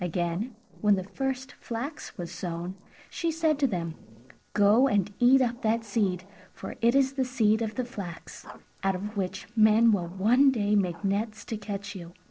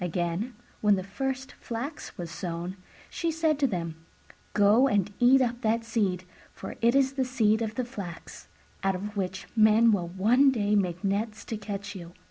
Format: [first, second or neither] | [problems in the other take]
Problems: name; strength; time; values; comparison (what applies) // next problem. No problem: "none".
second | noise reduction (neural separator model SepFormer DNS4)